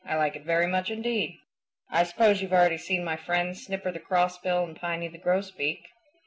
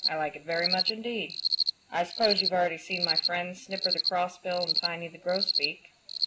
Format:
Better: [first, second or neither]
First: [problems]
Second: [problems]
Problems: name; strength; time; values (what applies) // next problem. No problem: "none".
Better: first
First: none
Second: background sound (Cricket); as loud as the speech